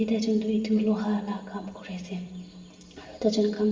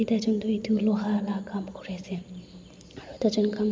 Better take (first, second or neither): second